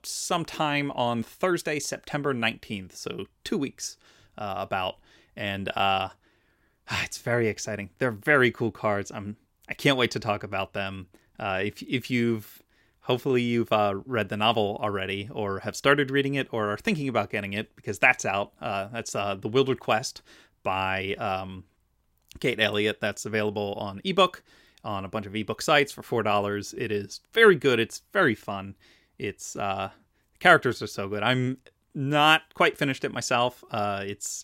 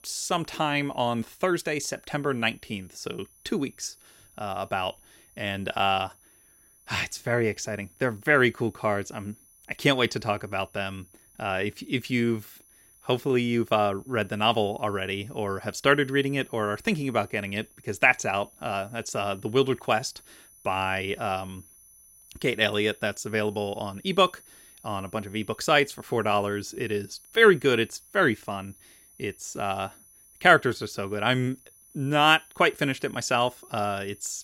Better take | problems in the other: first | high-pitched whine; faint; throughout; 10 kHz, 25 dB below the speech

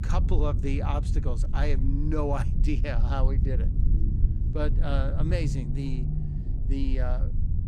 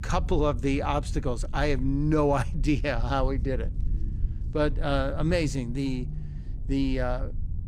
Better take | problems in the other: second | low rumble; loud; throughout; 8 dB below the speech; faint in the second

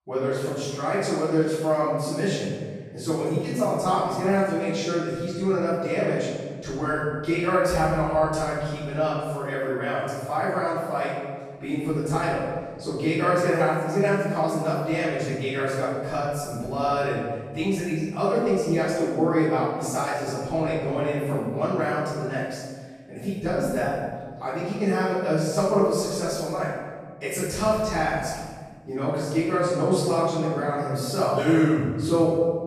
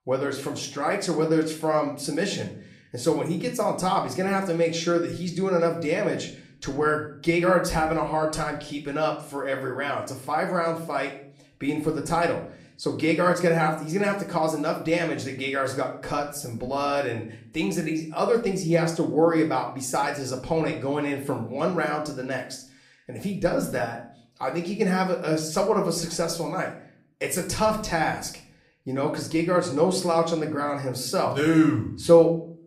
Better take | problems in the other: second | room echo; strong; dies away in 1.5 s; slight in the second // off-mic speech; far; somewhat distant in the second

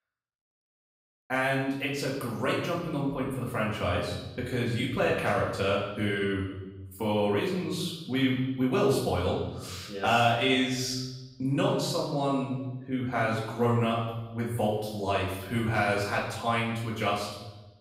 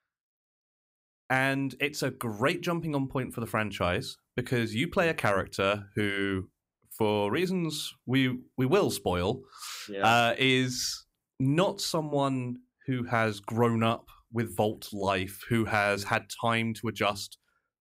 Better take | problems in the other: second | room echo; noticeable; dies away in 1 s // off-mic speech; far

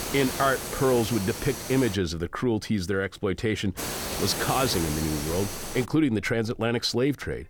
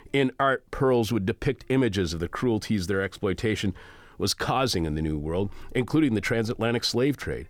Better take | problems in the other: second | hiss; loud; until 2 s and from 4 to 6 s; 5 dB below the speech

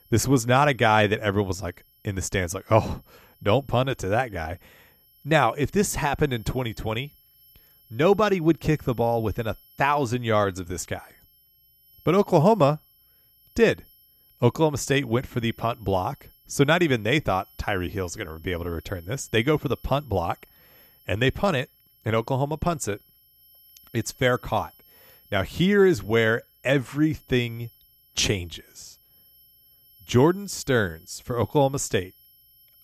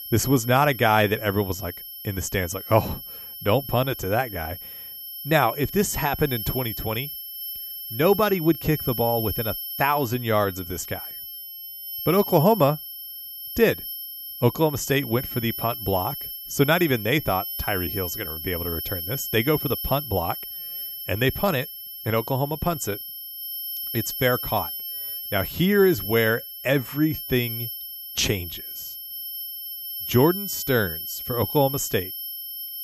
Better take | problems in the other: first | high-pitched whine; loud; throughout; 11.5 kHz, 7 dB below the speech; faint in the first

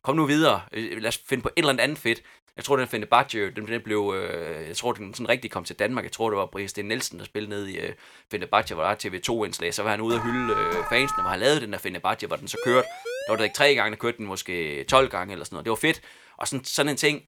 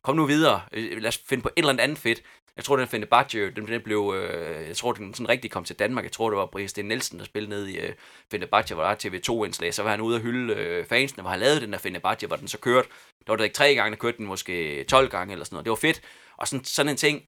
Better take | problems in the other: second | alarm; noticeable; from 10 to 11 s; peak 2 dB below the speech // siren; noticeable; at 13 s; peak 8 dB below the speech

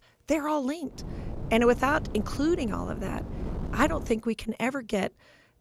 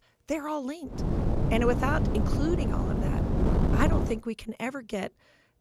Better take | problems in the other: first | wind noise on the microphone; heavy; from 1 to 4 s; 2 dB below the speech; occasional gusts in the first

